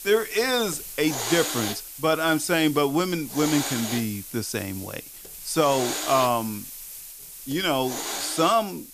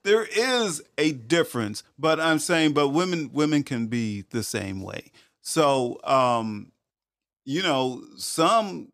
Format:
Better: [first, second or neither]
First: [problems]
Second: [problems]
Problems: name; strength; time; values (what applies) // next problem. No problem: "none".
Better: second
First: hiss; loud; throughout; 8 dB below the speech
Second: none